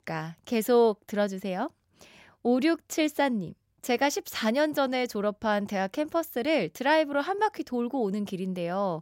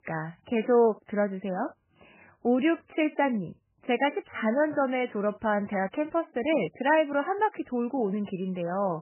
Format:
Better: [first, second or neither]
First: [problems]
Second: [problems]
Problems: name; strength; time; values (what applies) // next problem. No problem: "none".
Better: first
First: none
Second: garbled, watery; badly; nothing above 3 kHz